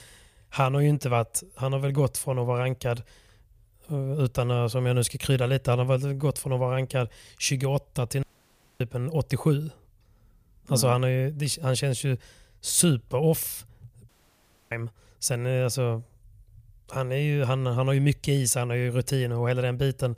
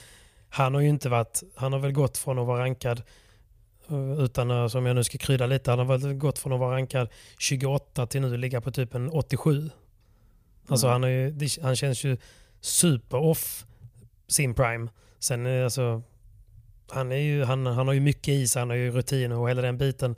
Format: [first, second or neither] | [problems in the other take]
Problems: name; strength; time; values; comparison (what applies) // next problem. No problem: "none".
second | audio cutting out; at 8 s for 0.5 s and at 14 s for 0.5 s